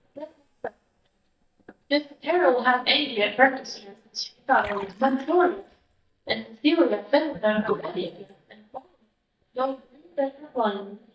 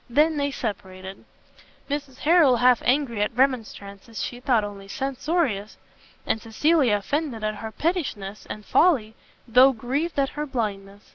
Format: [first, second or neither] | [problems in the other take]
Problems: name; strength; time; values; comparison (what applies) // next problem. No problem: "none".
second | noise reduction (neural mask model DeepFilterNet 3)